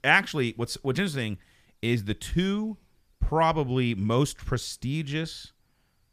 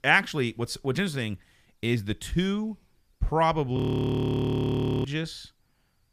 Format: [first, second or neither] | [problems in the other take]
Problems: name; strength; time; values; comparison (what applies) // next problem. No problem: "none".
first | audio freezing; at 4 s for 1.5 s